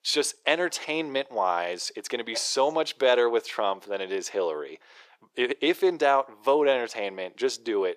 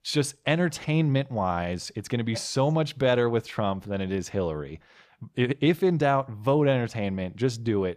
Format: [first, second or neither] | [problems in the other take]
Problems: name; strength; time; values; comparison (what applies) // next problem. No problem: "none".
second | thin; very; fading below 400 Hz